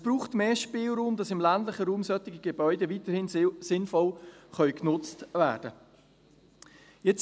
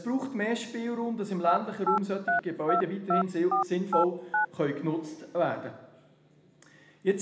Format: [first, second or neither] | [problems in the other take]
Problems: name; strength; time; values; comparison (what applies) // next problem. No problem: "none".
first | background sound (Telephone); 1 dB above the speech // room echo; dies away in 0.9 s